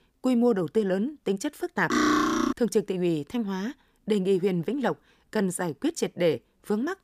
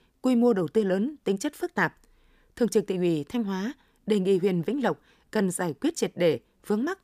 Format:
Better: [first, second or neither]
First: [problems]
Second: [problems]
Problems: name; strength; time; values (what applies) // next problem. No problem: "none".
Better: second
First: clattering dishes; loud; at 2 s; peak 5 dB above the speech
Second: none